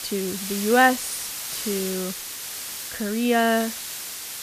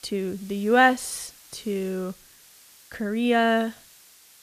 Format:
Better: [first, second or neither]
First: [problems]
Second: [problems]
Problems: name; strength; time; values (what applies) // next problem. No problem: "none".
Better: second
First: hiss; loud; throughout; 7 dB below the speech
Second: hiss; faint; throughout; 25 dB below the speech